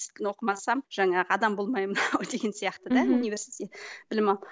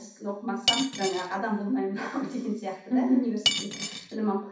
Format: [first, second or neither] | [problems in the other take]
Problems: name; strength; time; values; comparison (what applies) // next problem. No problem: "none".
first | background sound (Cutlery, silverware / Dishes, pots, and pans); as loud as the speech // room echo; dies away in 0.6 s